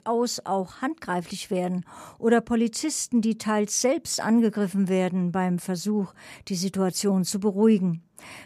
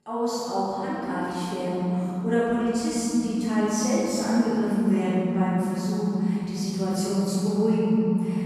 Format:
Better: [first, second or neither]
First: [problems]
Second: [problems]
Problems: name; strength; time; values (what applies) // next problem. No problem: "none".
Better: first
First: none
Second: room echo; strong; dies away in 3 s // off-mic speech; far